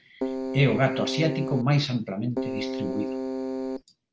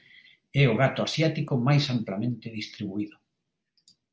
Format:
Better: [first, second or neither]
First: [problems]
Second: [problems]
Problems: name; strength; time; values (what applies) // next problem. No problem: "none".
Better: second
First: background sound (Keyboard (musical)); 3 dB below the speech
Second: none